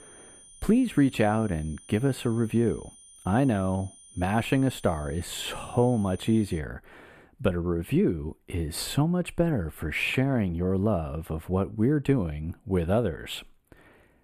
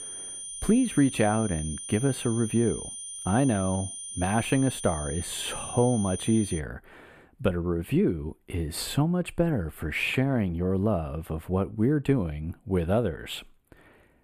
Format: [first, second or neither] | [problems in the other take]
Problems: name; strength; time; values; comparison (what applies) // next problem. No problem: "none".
first | high-pitched whine; loud; until 6.5 s; 9 kHz, 8 dB below the speech; faint in the first